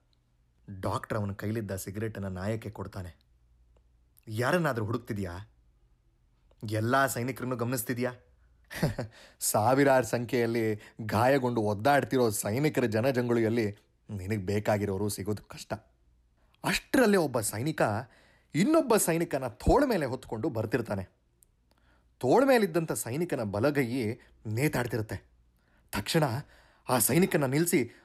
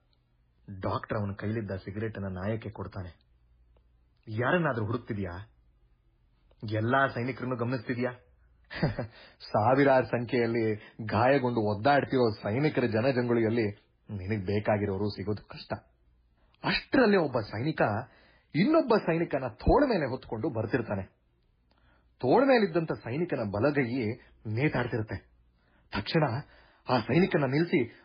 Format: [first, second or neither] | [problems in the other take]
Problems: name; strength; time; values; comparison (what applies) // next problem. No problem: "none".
first | garbled, watery; badly; nothing above 4.5 kHz